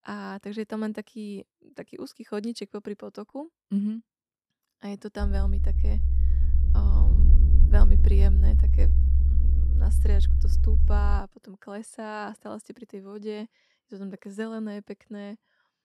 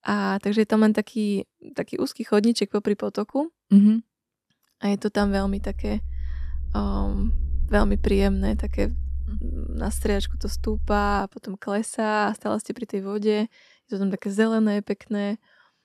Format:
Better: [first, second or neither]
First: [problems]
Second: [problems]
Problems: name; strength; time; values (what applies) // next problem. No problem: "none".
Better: second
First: low rumble; loud; from 5 to 11 s; 4 dB below the speech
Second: low rumble; faint; from 5 to 11 s; 25 dB below the speech